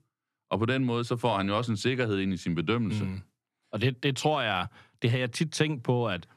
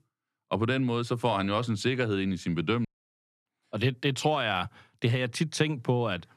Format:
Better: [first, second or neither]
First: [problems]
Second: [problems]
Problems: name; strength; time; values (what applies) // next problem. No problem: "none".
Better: first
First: none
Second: audio cutting out; at 3 s for 0.5 s